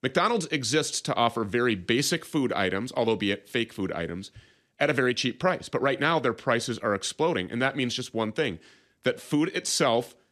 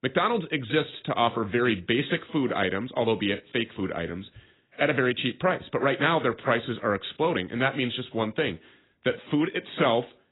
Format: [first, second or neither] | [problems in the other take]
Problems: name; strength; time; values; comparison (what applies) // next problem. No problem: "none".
first | garbled, watery; badly; nothing above 4 kHz